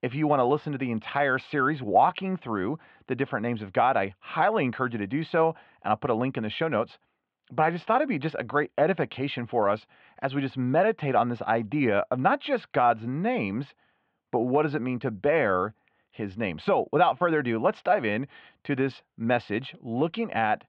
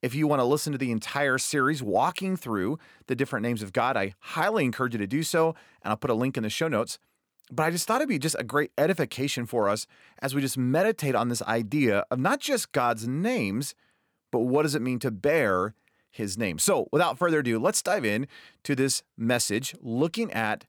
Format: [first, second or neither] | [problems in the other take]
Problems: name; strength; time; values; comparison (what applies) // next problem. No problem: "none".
second | muffled; very; fading above 3.5 kHz